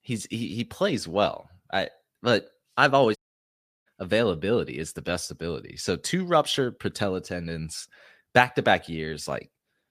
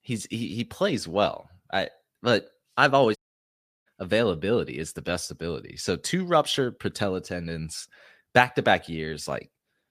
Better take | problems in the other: neither | audio cutting out; at 3 s for 0.5 s; the same in both

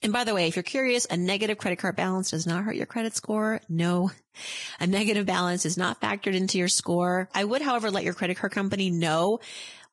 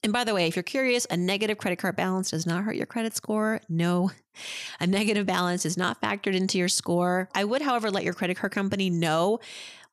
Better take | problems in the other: second | garbled, watery; badly; nothing above 10.5 kHz

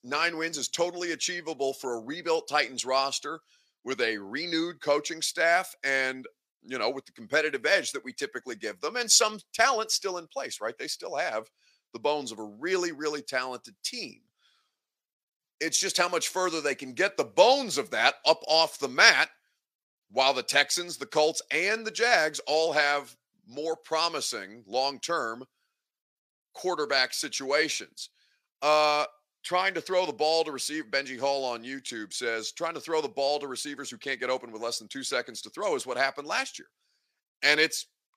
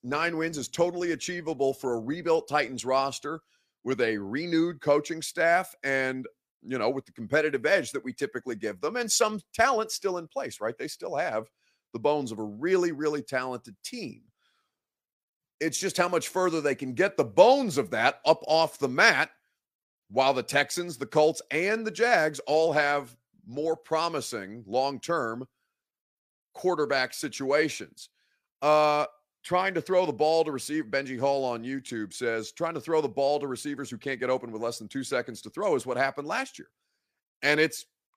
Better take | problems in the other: second | thin; very slightly; fading below 500 Hz

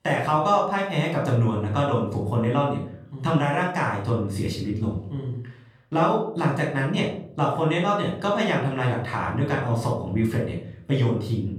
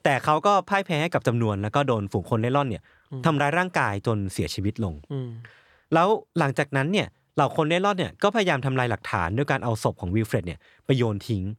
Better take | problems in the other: second | off-mic speech; far // room echo; noticeable; dies away in 0.6 s

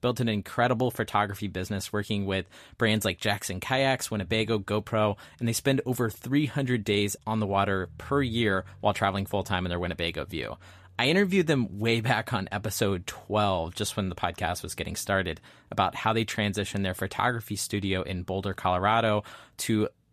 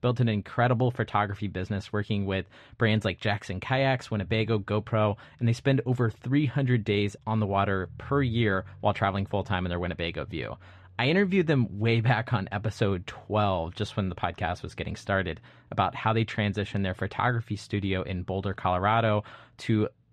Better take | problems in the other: first | muffled; slightly; fading above 3.5 kHz

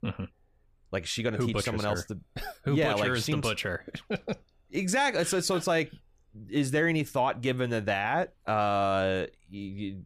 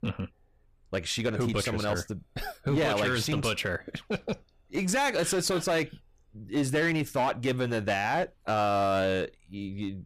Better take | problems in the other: first | distortion; slight; 8% of the sound clipped

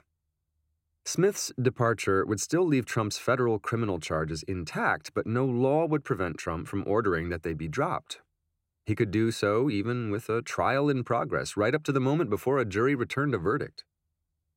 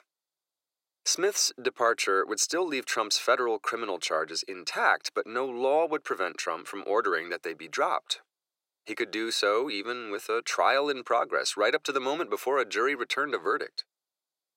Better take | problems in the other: first | thin; very; fading below 450 Hz

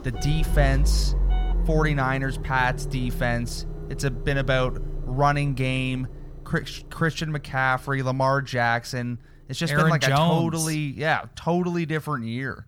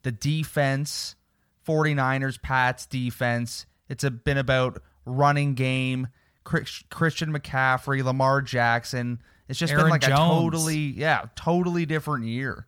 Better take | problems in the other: second | traffic noise; loud; throughout; 6 dB below the speech

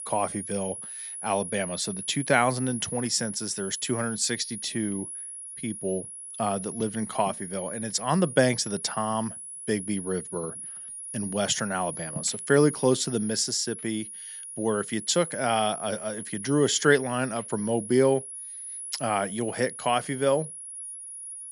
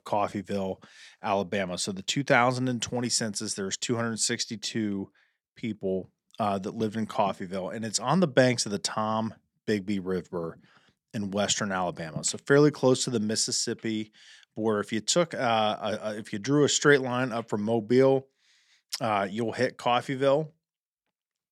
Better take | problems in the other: second | high-pitched whine; loud; throughout; 10.5 kHz, 9 dB below the speech

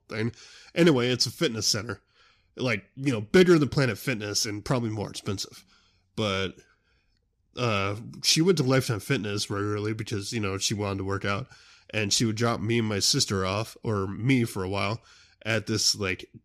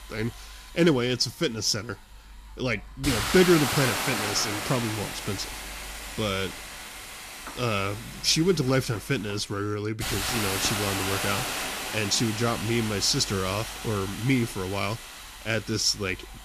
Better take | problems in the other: first | hiss; loud; throughout; 5 dB below the speech

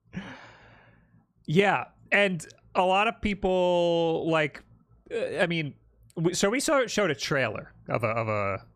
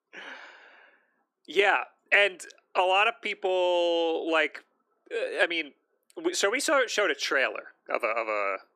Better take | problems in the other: first | thin; very; fading below 300 Hz

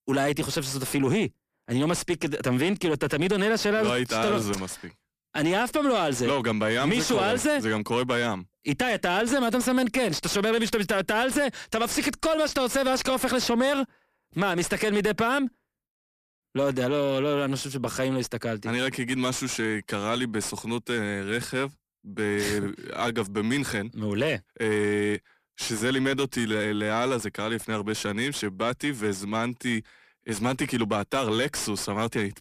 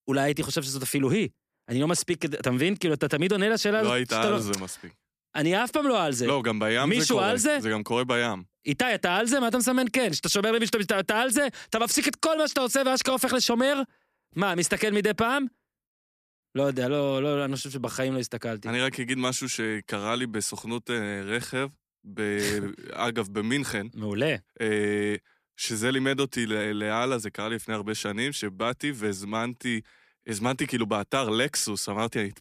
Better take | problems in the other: second | distortion; slight; 10 dB below the speech

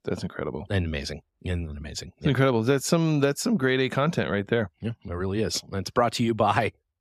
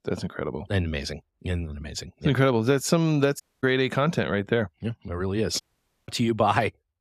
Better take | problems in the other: first | audio cutting out; at 3.5 s and at 5.5 s

